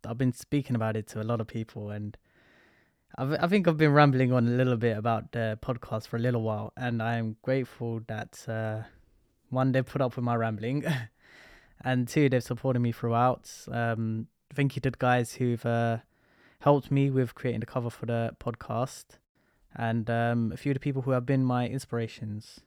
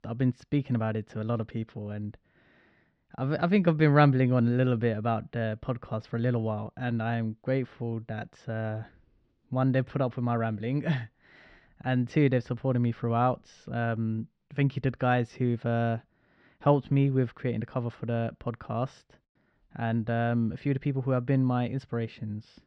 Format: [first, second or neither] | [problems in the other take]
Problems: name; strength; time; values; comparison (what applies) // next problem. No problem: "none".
first | muffled; very slightly; fading above 4 kHz